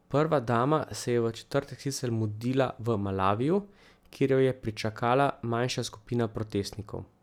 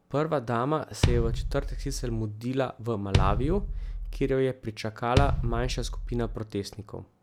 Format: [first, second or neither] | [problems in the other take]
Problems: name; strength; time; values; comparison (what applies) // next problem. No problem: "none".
first | background sound (Bass drum); as loud as the speech